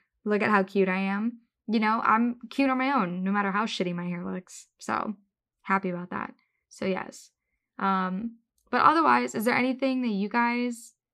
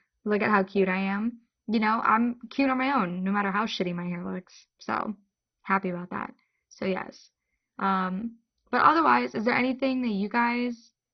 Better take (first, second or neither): first